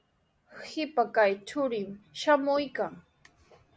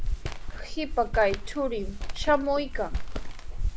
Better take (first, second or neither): first